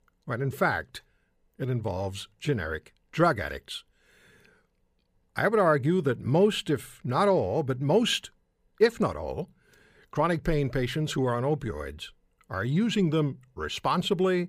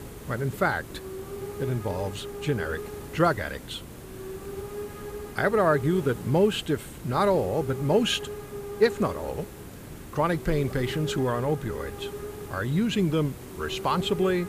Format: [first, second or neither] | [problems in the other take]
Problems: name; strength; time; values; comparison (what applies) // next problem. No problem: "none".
first | hiss; noticeable; throughout; 10 dB below the speech